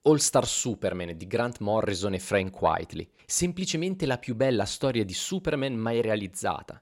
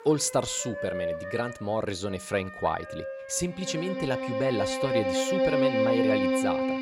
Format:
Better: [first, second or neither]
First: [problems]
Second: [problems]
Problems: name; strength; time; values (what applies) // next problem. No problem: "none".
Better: first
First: none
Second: background music; very loud; throughout; 2 dB above the speech